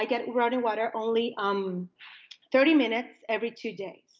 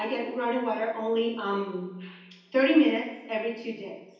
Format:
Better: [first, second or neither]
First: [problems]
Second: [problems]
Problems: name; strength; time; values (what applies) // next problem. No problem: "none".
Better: first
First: none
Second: room echo; dies away in 0.9 s